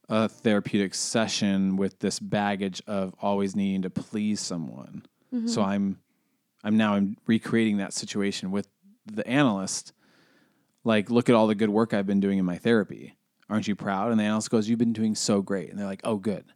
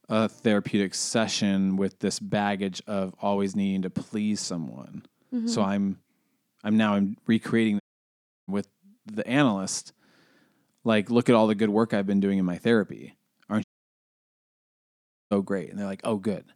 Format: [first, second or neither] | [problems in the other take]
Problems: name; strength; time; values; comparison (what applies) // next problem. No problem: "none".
first | audio cutting out; at 8 s for 0.5 s and at 14 s for 1.5 s